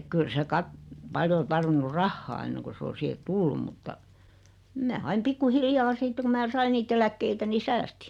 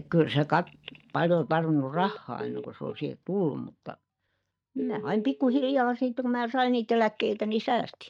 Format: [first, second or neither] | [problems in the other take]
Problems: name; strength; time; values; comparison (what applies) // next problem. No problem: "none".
first | noise reduction (neural mask model DeepFilterNet 3)